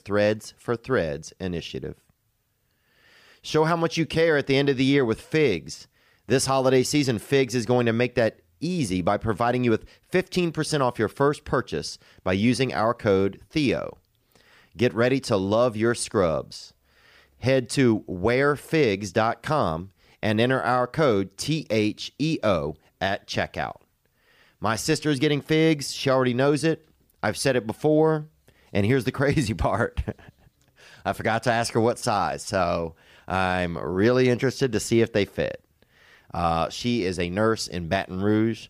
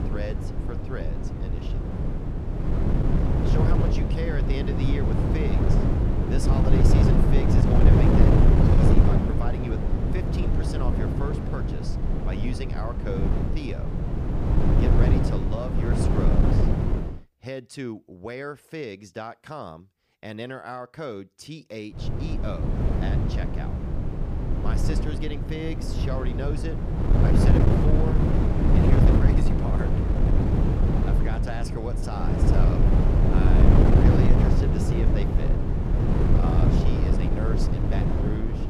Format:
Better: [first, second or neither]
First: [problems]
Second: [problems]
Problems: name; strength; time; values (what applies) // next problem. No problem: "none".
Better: first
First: none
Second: wind noise on the microphone; heavy; until 17 s and from 22 s on; 5 dB above the speech